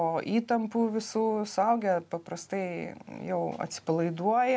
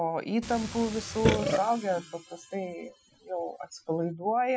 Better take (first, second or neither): first